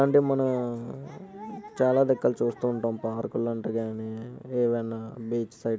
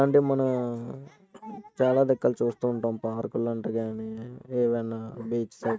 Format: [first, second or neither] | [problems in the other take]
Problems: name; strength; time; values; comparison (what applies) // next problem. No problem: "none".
first | noise reduction (neural mask model RNNoise)